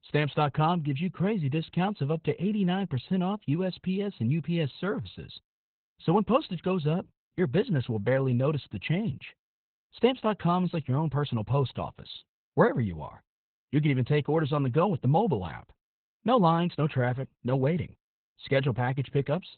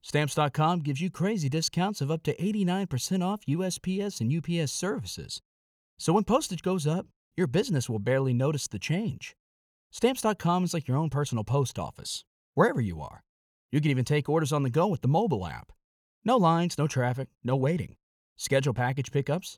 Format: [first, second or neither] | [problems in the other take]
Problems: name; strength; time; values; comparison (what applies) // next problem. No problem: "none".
second | garbled, watery; badly; nothing above 4 kHz